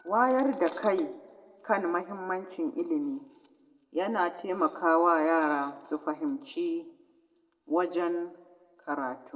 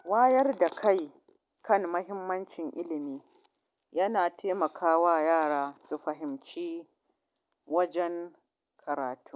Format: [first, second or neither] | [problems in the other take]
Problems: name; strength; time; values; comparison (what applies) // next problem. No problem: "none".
second | room echo; dies away in 0.8 s